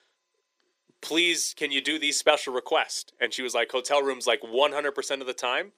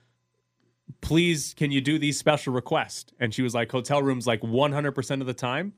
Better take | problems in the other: second | thin; very; fading below 400 Hz

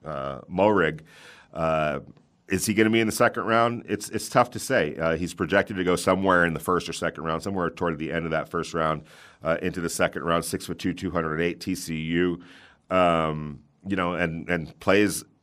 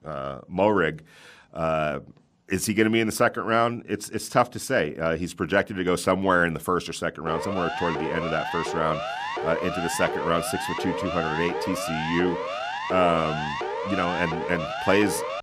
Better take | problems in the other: first | siren; noticeable; from 7.5 s on; peak 4 dB below the speech

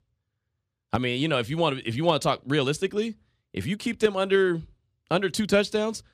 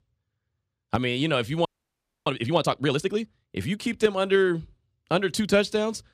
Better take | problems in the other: first | audio freezing; at 1.5 s for 0.5 s

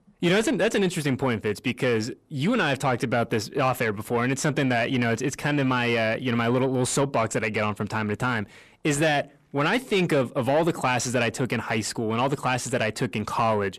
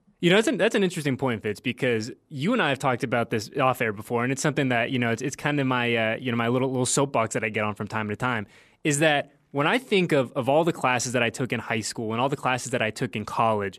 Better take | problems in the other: second | distortion; slight; 10 dB below the speech

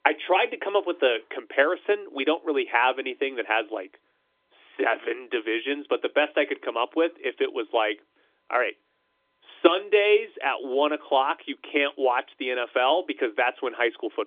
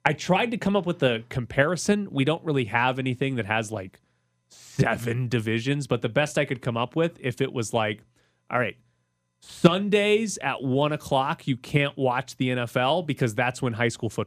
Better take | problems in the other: second | phone-call audio; nothing above 3.5 kHz

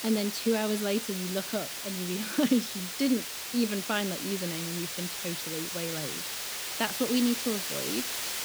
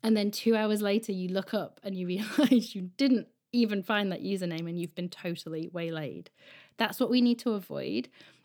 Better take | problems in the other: second | hiss; loud; throughout; 2 dB below the speech

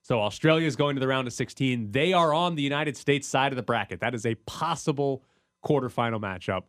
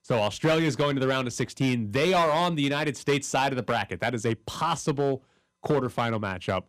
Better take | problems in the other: first | distortion; slight; 6% of the sound clipped

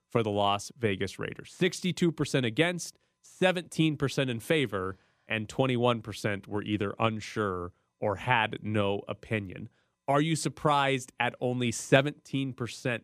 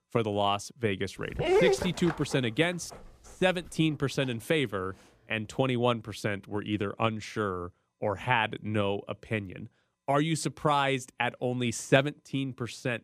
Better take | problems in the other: first | dog barking; loud; from 1.5 to 2.5 s; peak 5 dB above the speech

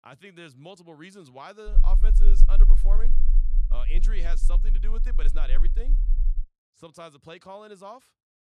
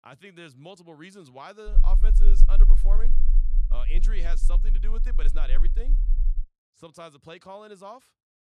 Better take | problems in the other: neither | low rumble; noticeable; from 1.5 to 6.5 s; 10 dB below the speech; the same in both

